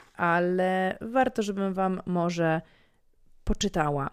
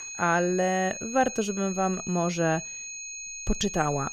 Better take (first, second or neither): first